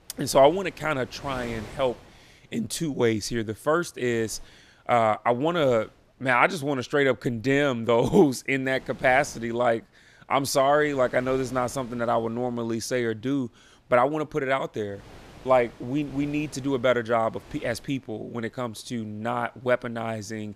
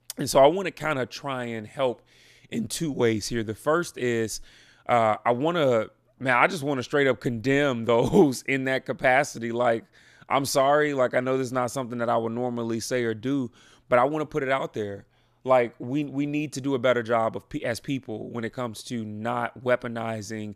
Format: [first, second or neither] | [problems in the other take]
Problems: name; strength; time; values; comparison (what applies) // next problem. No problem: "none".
second | wind noise on the microphone; occasional gusts; 25 dB below the speech